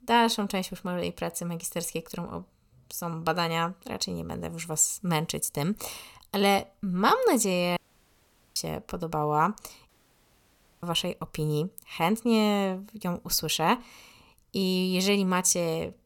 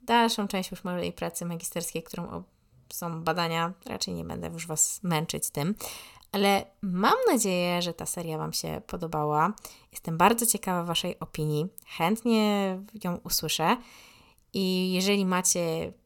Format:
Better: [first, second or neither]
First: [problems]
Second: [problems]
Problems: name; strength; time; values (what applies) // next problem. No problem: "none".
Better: second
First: audio cutting out; at 8 s for 1 s and at 10 s for 1 s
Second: none